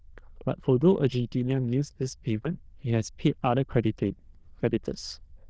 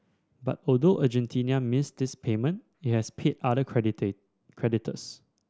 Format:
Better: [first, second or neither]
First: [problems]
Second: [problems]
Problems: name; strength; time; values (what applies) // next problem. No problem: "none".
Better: second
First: noise reduction (neural diffusion model UNIVERSE++)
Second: none